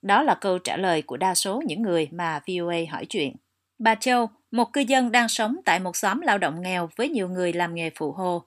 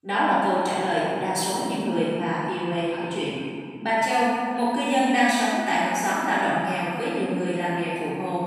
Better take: first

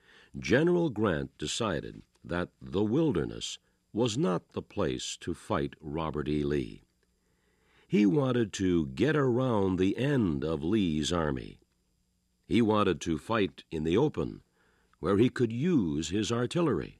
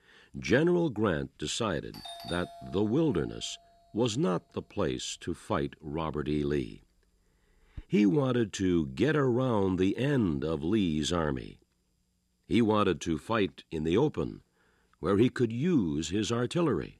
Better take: first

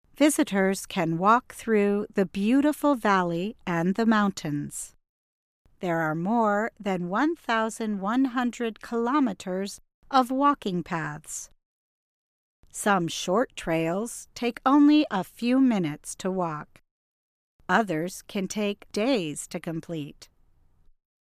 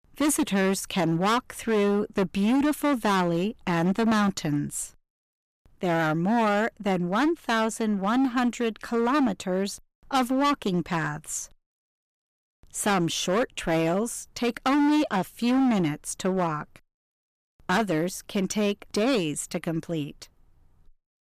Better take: first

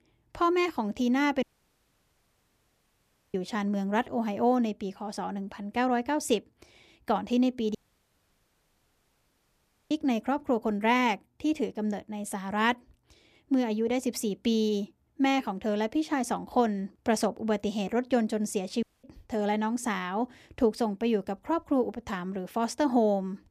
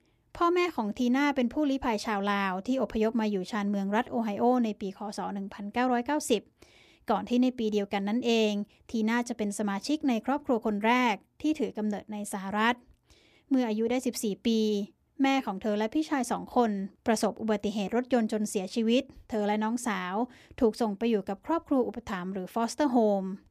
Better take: second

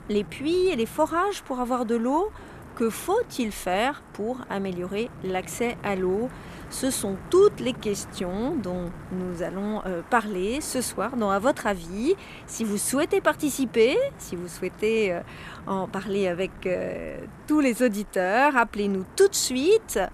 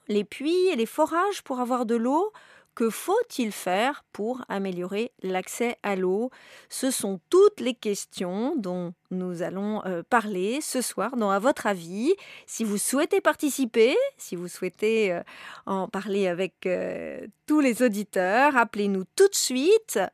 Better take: second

